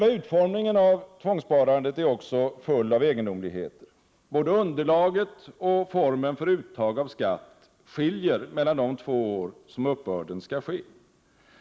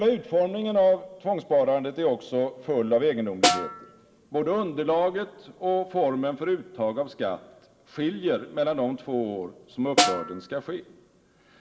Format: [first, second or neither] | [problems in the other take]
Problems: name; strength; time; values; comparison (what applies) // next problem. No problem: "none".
first | background sound (Snare drum); as loud as the speech // room echo; dies away in 1.3 s